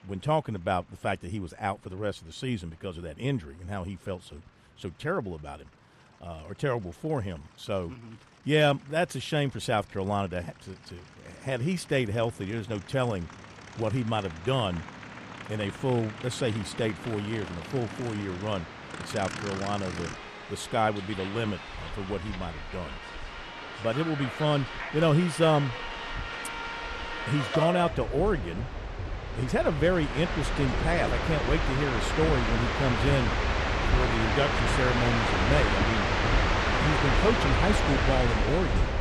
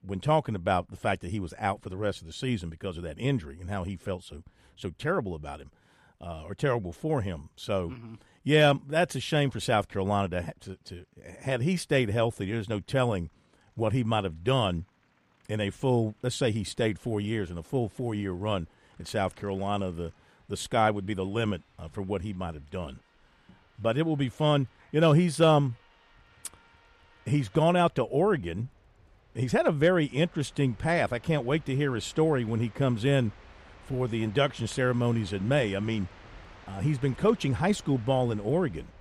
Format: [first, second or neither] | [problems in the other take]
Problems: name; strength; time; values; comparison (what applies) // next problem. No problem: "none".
second | train or aircraft noise; loud; throughout; 1 dB below the speech; faint in the second